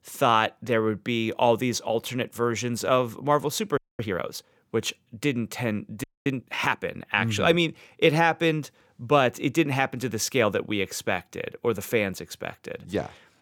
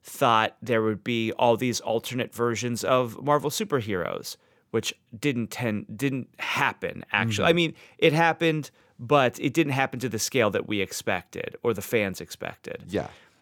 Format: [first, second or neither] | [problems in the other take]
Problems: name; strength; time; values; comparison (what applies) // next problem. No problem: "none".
second | audio freezing; at 4 s and at 6 s